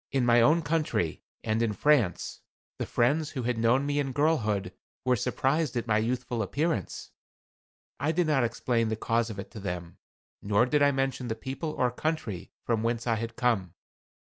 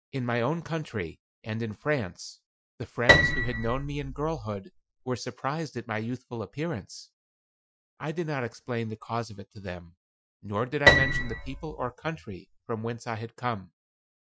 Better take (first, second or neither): first